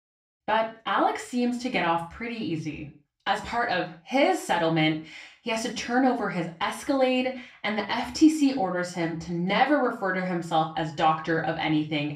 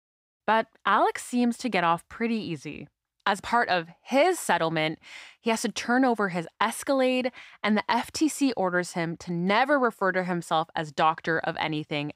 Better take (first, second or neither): second